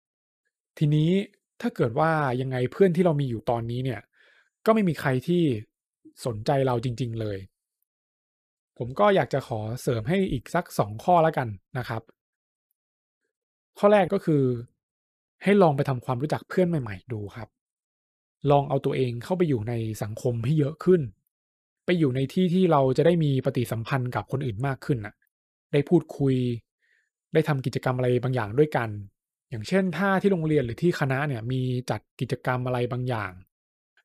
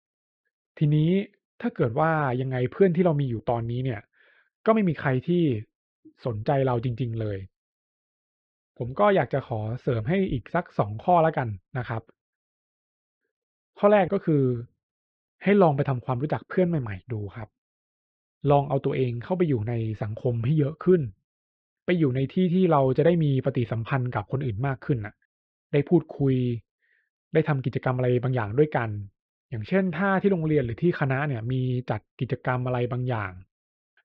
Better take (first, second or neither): first